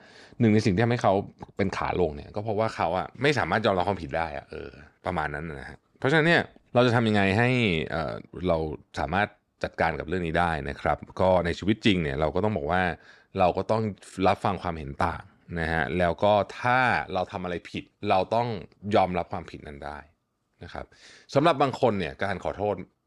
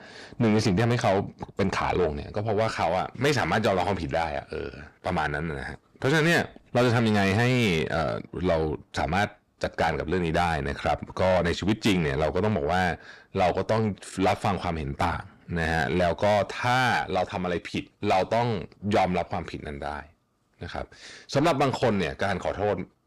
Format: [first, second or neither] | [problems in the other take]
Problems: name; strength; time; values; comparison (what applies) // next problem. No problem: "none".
first | distortion; heavy; 8 dB below the speech